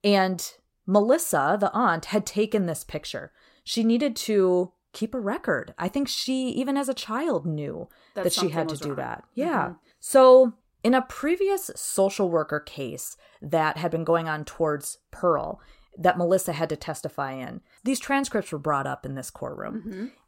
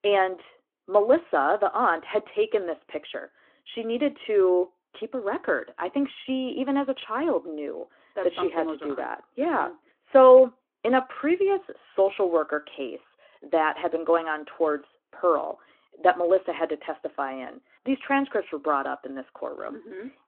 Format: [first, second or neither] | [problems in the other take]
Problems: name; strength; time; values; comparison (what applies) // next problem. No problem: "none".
first | phone-call audio